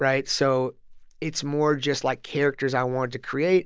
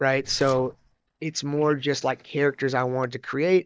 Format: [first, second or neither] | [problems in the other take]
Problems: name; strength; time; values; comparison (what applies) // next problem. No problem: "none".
first | noise reduction (neural mask model DeepFilterNet 3)